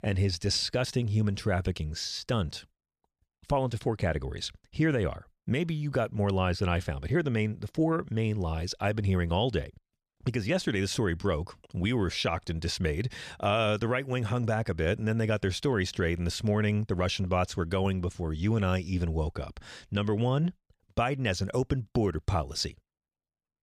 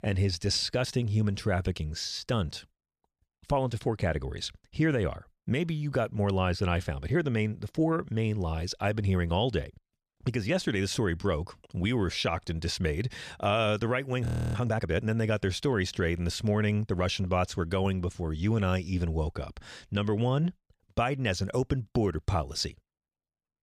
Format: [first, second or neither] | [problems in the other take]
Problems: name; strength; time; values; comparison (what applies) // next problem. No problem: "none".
first | audio freezing; at 14 s